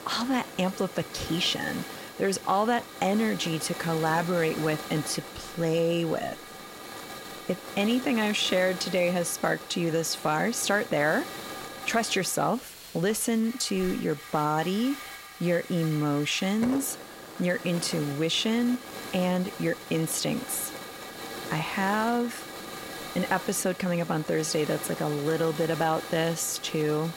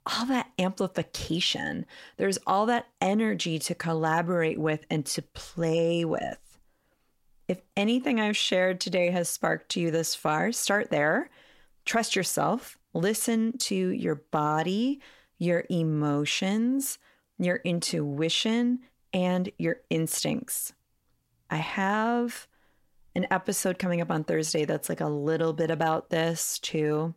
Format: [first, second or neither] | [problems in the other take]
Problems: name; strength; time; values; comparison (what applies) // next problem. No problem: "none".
second | hiss; noticeable; throughout; 10 dB below the speech